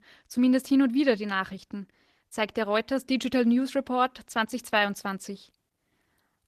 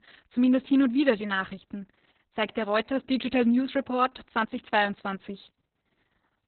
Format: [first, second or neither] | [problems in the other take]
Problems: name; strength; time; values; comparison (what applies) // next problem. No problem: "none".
first | garbled, watery; badly; nothing above 4 kHz; slightly in the first